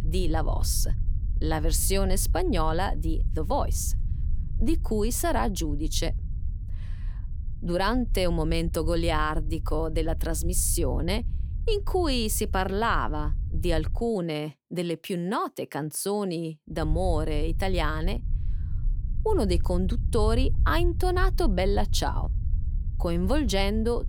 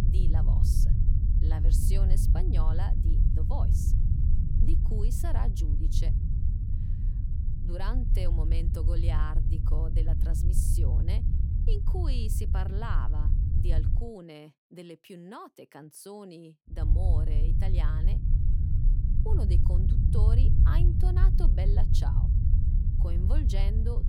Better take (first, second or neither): first